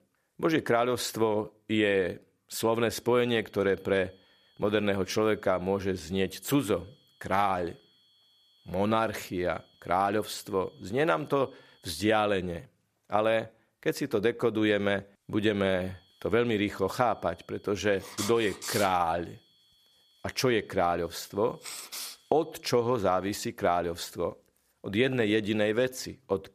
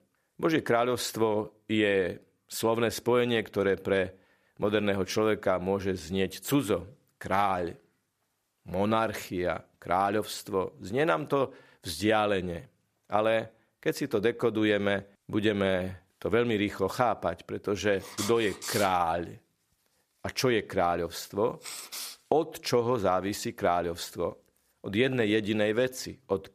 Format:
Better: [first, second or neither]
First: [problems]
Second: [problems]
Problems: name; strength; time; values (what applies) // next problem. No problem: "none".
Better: second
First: high-pitched whine; faint; from 3 to 12 s and from 15 to 23 s; 3.5 kHz, 35 dB below the speech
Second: none